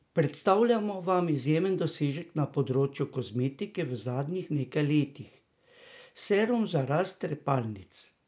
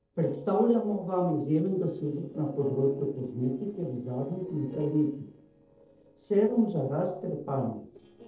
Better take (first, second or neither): first